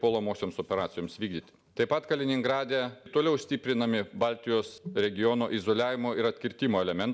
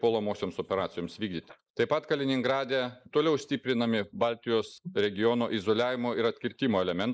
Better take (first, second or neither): first